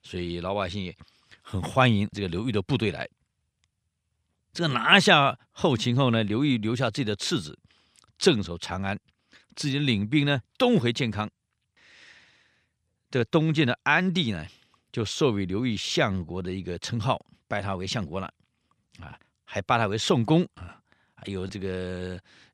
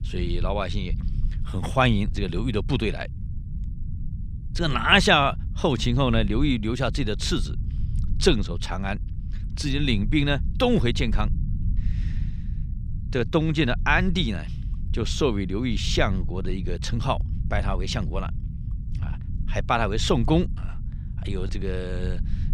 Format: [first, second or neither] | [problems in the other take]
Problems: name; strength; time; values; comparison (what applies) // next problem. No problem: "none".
first | low rumble; faint; throughout; 20 dB below the speech